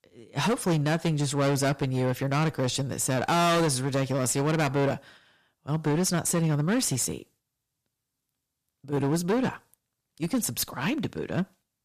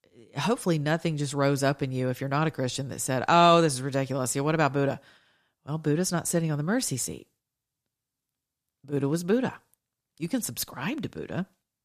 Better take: second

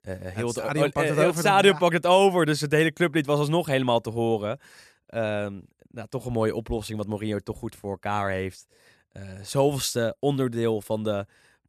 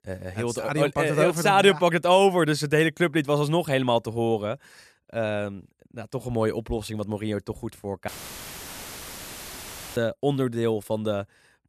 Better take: first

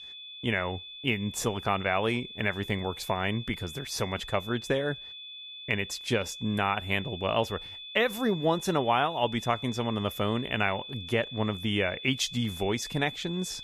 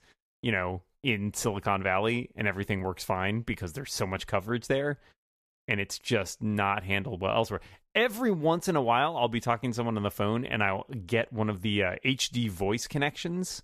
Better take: second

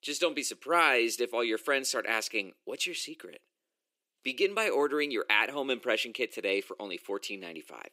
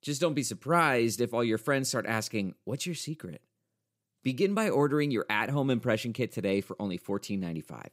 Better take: second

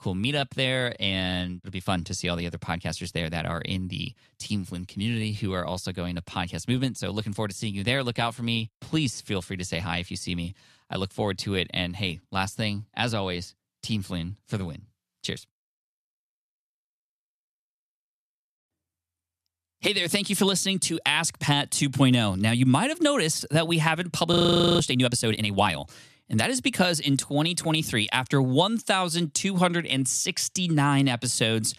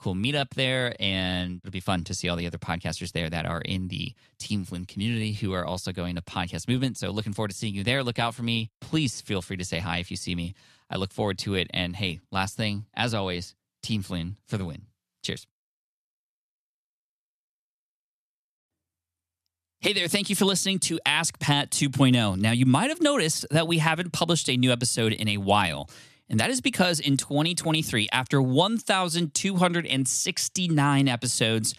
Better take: second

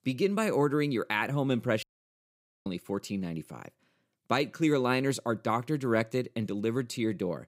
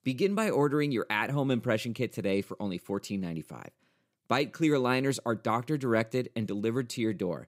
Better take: second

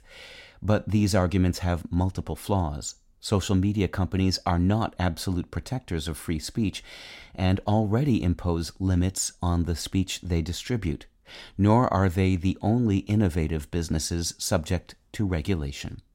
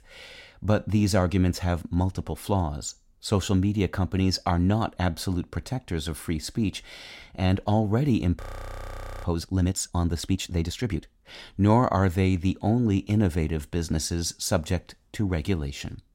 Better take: first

